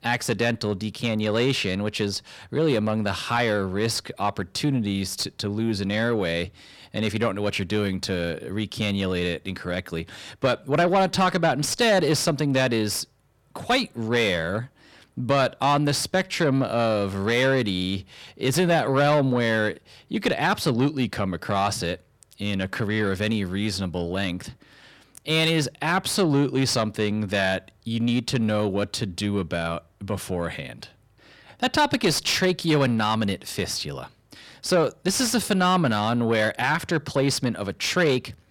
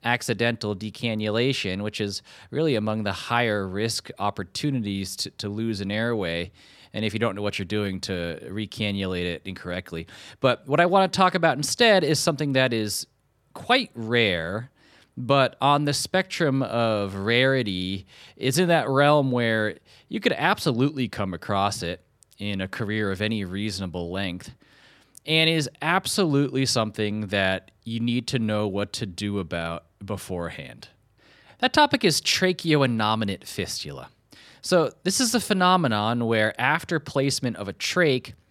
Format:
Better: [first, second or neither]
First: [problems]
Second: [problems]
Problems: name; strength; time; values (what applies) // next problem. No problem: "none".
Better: second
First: distortion; slight; 10 dB below the speech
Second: none